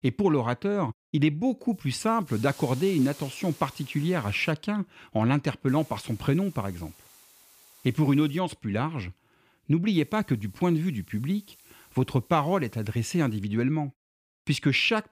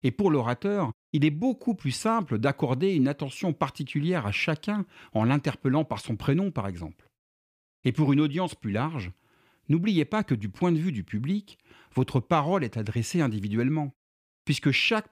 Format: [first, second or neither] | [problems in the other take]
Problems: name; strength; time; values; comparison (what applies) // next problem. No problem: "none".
second | hiss; faint; from 1.5 to 4.5 s, from 5.5 to 8.5 s and from 10 to 13 s; 25 dB below the speech